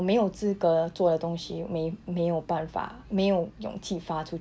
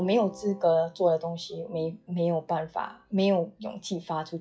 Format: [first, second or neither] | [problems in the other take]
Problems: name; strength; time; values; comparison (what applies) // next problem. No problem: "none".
first | noise reduction (classical method log-MMSE)